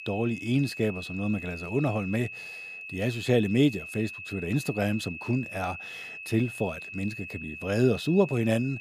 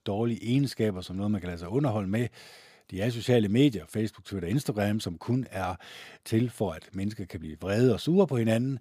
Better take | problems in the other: second | high-pitched whine; loud; throughout; 2.5 kHz, 10 dB below the speech

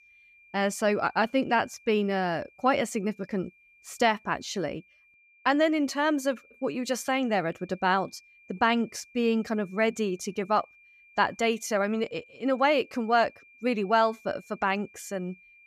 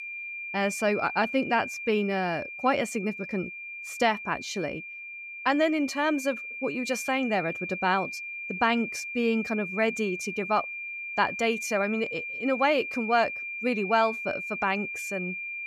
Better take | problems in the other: first | high-pitched whine; loud; throughout; 2.5 kHz, 6 dB below the speech; faint in the first

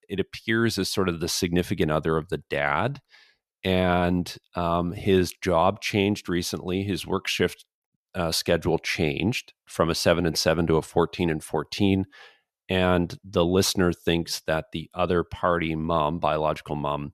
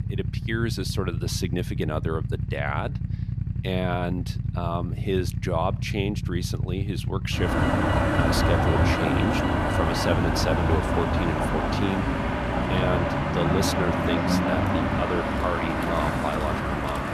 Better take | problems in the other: first | traffic noise; very loud; throughout; 4 dB above the speech

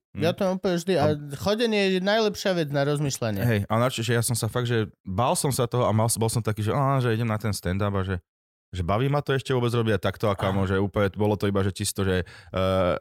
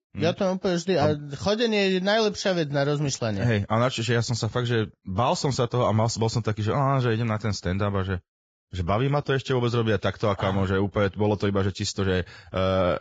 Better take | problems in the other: first | garbled, watery; badly; nothing above 7.5 kHz

